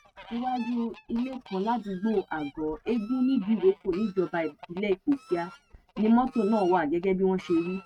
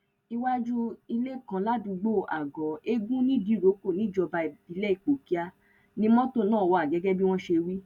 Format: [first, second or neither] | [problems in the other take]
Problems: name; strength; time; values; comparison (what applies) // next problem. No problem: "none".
second | noise reduction (neural mask model RNNoise)